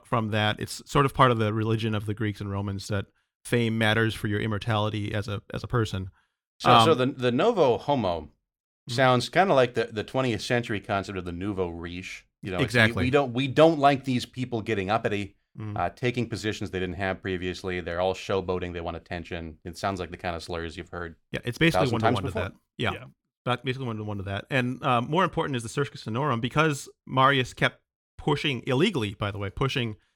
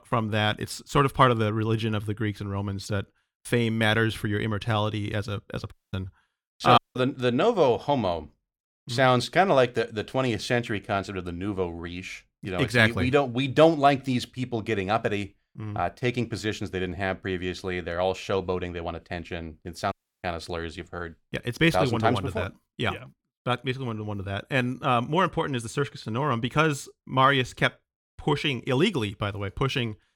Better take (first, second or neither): first